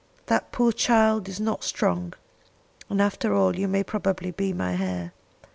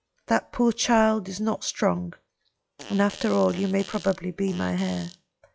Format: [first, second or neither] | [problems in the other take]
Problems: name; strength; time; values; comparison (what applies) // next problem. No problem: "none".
first | noise reduction (classical method log-MMSE)